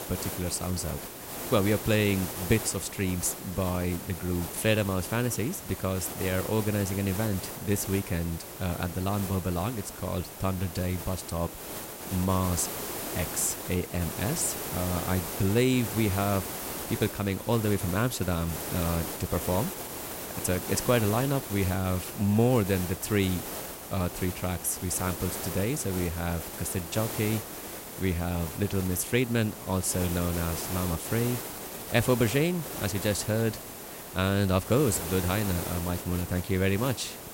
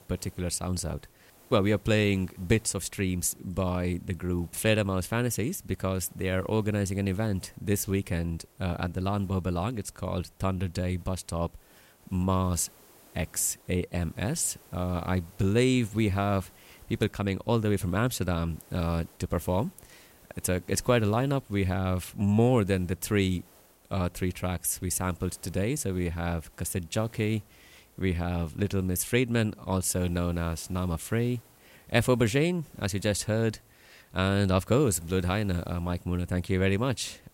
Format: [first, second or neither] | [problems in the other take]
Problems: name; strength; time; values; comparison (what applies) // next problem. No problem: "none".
second | hiss; loud; throughout; 7 dB below the speech; faint in the second